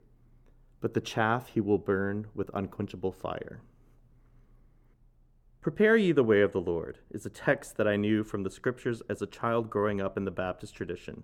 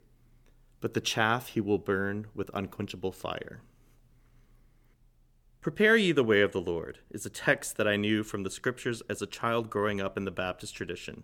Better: second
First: muffled; slightly; fading above 2 kHz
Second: none

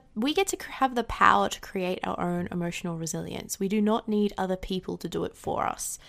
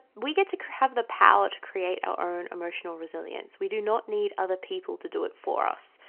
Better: first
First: none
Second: phone-call audio; nothing above 3 kHz

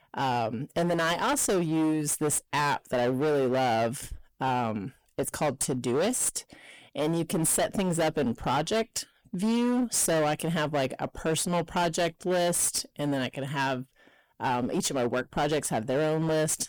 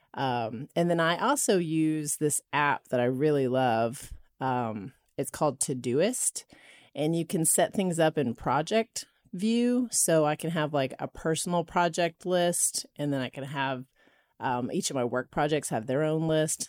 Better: second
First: distortion; heavy; 20% of the sound clipped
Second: none

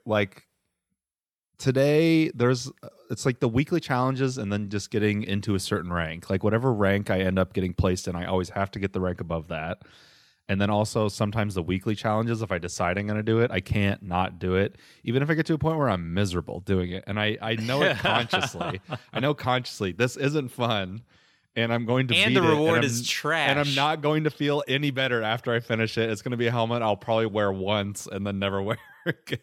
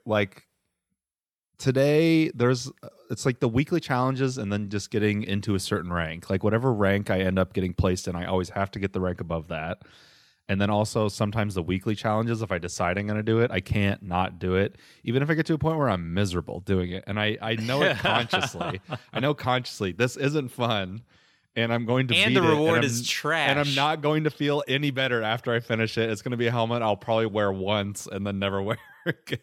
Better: neither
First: none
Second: none

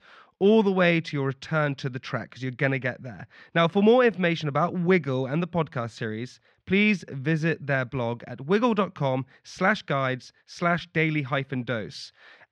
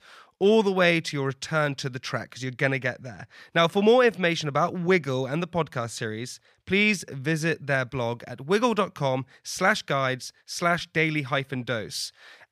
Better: second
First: muffled; very slightly; fading above 3.5 kHz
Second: none

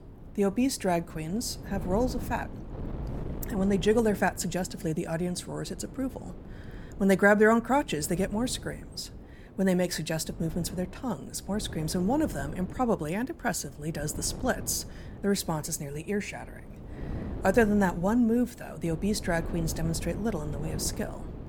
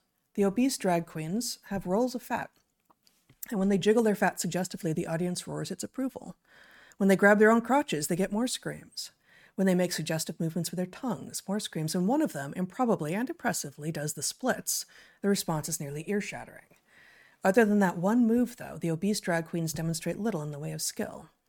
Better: second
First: wind noise on the microphone; occasional gusts; 15 dB below the speech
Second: none

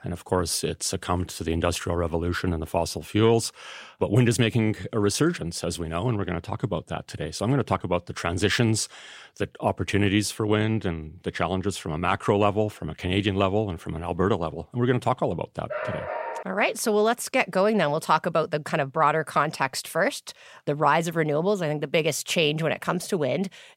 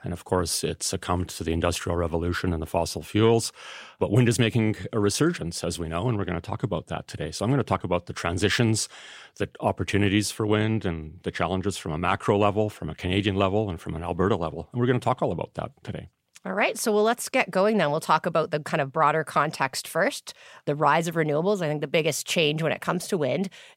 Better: second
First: dog barking; noticeable; at 16 s; peak 6 dB below the speech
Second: none

